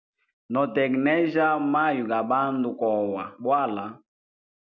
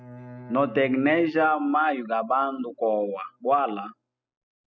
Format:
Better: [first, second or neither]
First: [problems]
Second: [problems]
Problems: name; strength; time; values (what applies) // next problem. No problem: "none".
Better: first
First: none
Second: noise reduction (classical method spectral subtraction)